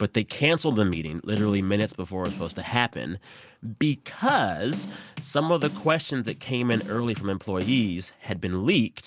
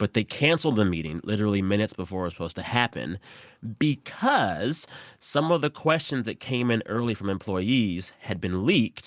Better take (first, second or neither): second